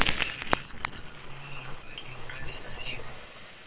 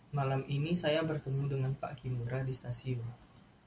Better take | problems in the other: second | noise reduction (neural separator model SepFormer WHAMR!)

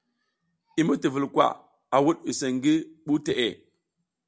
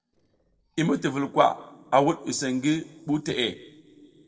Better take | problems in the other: first | noise reduction (neural separator model SepFormer DNS4)

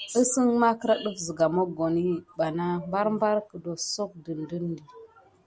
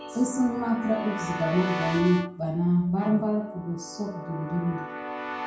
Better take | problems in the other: first | background sound (Keyboard (musical) / Brass instrument); 9 dB below the speech // room echo; dies away in 0.6 s

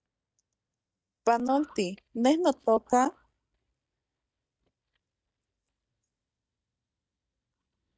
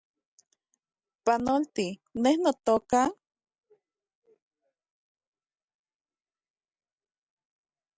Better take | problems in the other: second | noise reduction (neural mask model DeepFilterNet 3)

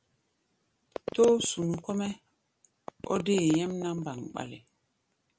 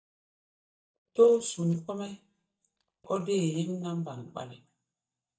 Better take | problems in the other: first | noise reduction (neural mask model DeepFilterNet 3)

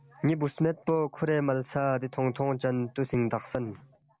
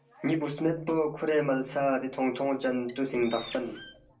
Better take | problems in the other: first | background sound (Bird); 18 dB below the speech // room echo; dies away in 0.2 s

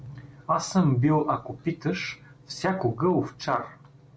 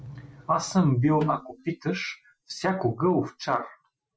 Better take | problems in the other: first | noise reduction (classical method Wiener filter)

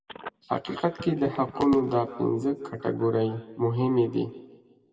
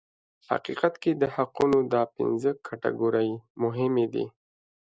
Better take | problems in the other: second | background sound (Telephone); 18 dB below the speech // room echo; dies away in 1.2 s

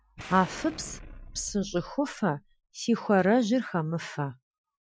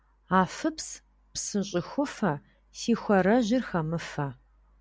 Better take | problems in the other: second | noise reduction (classical method Wiener filter)

